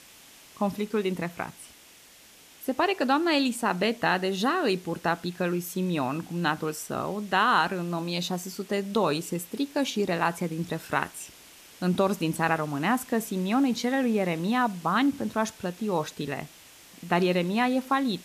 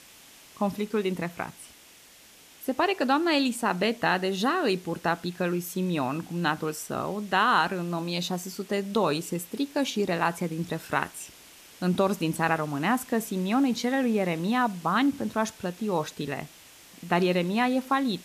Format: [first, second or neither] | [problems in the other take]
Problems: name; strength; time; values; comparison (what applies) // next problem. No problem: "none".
neither | hiss; faint; throughout; 20 dB below the speech; the same in both